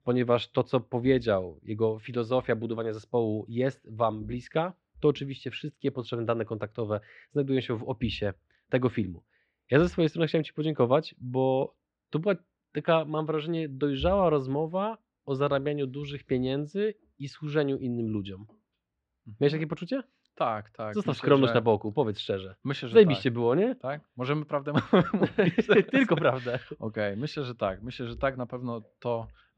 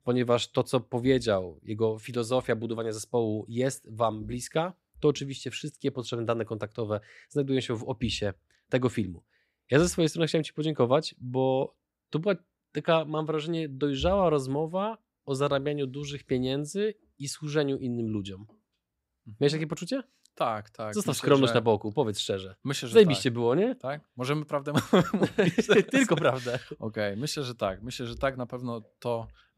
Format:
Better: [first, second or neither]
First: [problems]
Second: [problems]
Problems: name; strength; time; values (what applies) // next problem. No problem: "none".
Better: second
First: muffled; slightly; fading above 3.5 kHz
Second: none